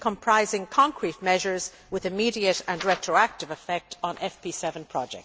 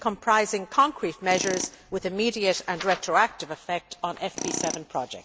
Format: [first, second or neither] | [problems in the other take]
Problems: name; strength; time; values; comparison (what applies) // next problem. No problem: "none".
first | background sound (Tools); 12 dB below the speech